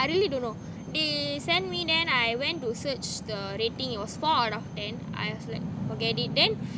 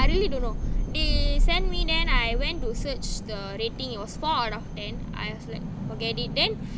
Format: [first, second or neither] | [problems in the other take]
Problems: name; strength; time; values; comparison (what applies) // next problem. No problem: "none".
first | background sound (Thunder); 3 dB above the speech